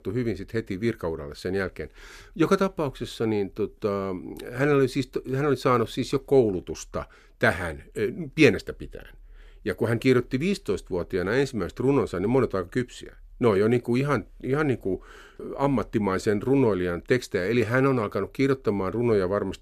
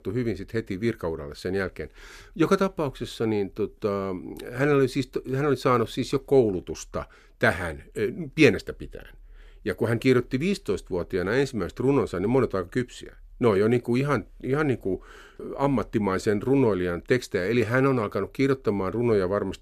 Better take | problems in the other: neither | none

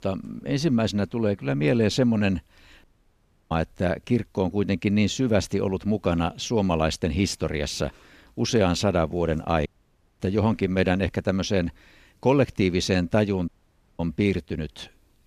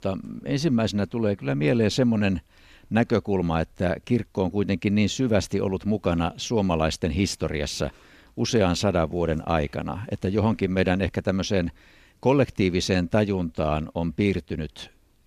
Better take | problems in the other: second | audio cutting out; at 3 s for 0.5 s, at 9.5 s for 0.5 s and at 13 s for 0.5 s

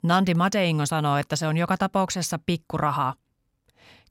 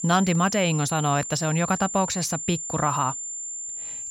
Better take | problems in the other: first | high-pitched whine; loud; throughout; 7 kHz, 6 dB below the speech

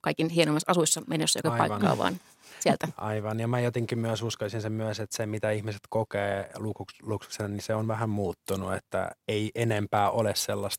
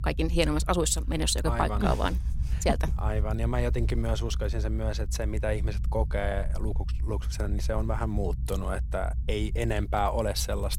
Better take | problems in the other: first | low rumble; noticeable; throughout; 20 dB below the speech

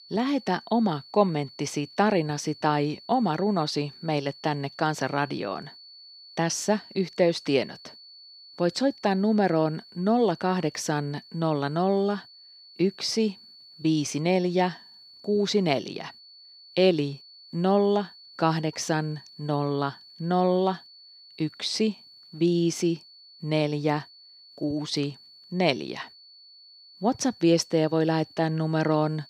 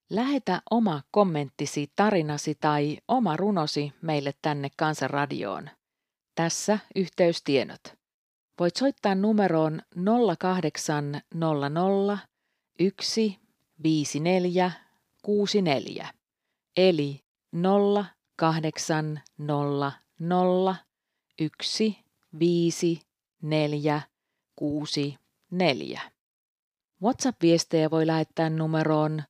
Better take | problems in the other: second | high-pitched whine; faint; throughout; 4.5 kHz, 20 dB below the speech

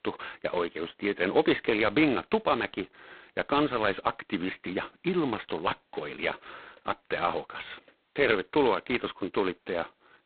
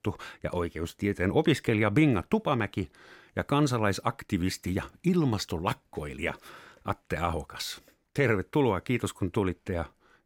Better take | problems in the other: second | phone-call audio; poor line; nothing above 4 kHz

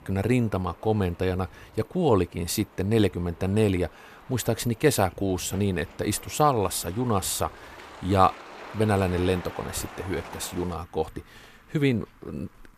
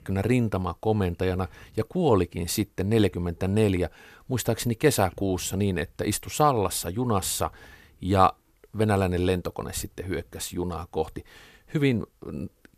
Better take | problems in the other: second | traffic noise; noticeable; throughout; 20 dB below the speech

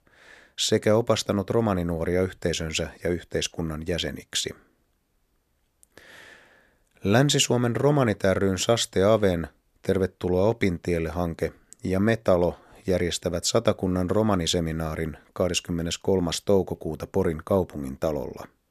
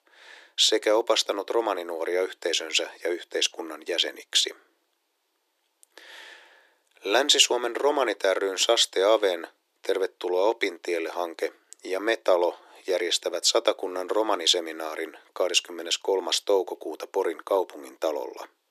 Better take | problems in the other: first | thin; very; fading below 300 Hz

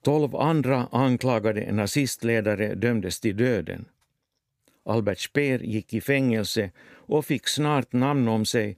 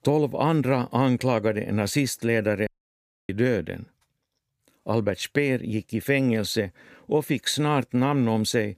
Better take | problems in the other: first | audio cutting out; at 2.5 s for 0.5 s

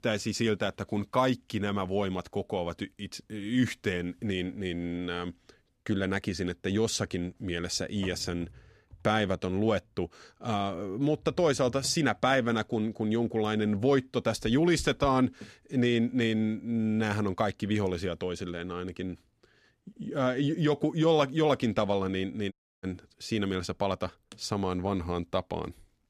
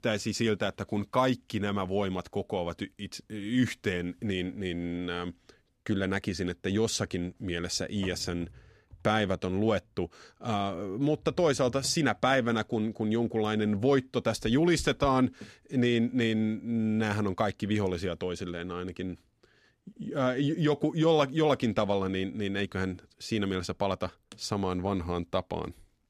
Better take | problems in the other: second | audio cutting out; at 23 s

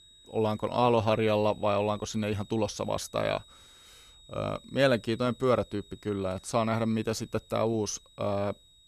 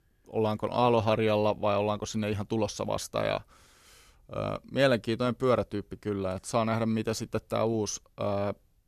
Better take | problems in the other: second | high-pitched whine; faint; throughout; 4 kHz, 25 dB below the speech

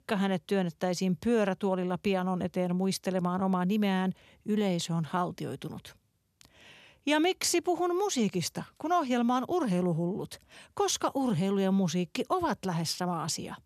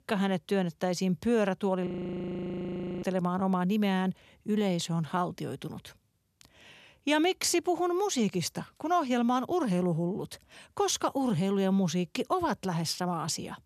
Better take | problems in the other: first | audio freezing; at 2 s for 1 s

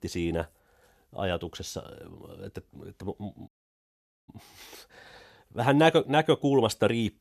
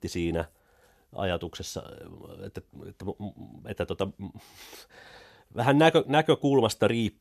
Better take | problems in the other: second | audio cutting out; at 3.5 s for 1 s

